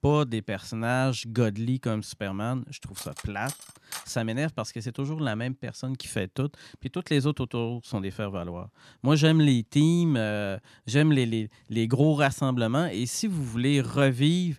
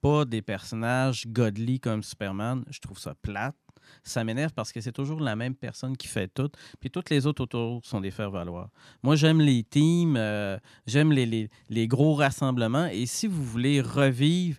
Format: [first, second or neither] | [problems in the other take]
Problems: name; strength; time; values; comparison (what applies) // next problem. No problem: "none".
second | clattering dishes; faint; from 3 to 4 s; peak 10 dB below the speech